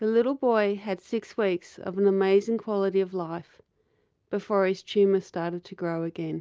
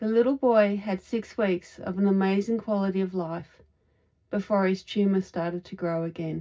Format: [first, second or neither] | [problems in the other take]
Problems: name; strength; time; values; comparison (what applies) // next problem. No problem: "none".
first | room echo; dies away in 0.4 s